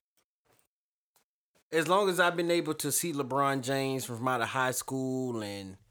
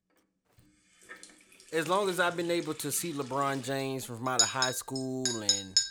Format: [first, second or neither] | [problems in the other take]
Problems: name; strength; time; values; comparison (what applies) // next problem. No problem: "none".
first | household noises; very loud; throughout; 3 dB above the speech